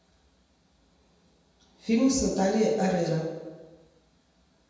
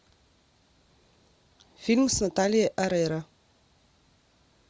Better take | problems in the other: second | room echo; dies away in 1.1 s

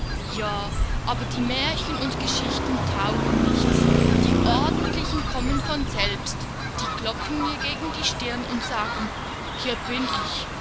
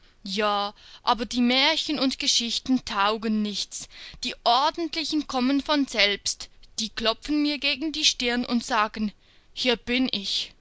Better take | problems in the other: second | background sound (Fowl + Traffic noise, roadway noise); 5 dB above the speech

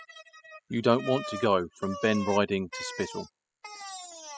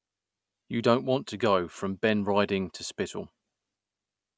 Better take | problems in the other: second | noise reduction (classical method spectral subtraction)

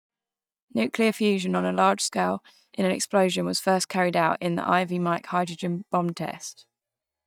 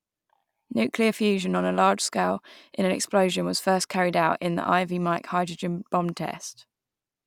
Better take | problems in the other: second | noise reduction (neural mask model DeepFilterNet 3)

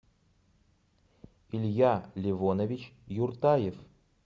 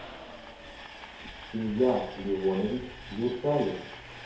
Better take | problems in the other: first | background sound (Train); 13 dB below the speech // room echo; dies away in 2.3 s

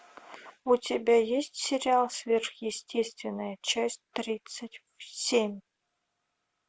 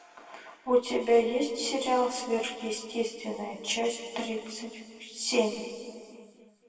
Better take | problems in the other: first | room echo; dies away in 2.1 s

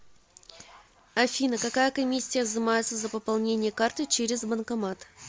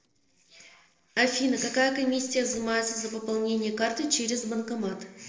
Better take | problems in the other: first | noise reduction (neural separator model SepFormer DNS4)

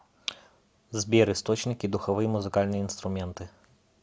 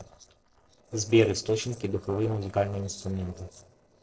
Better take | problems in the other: first | noise reduction (neural separator model SepFormer DNS4)

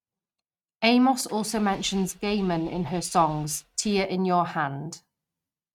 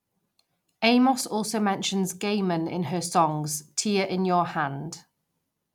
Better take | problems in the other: second | noise reduction (neural mask model RNNoise)

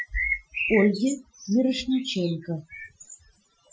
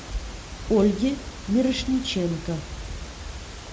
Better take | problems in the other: second | noise reduction (classical method Wiener filter)

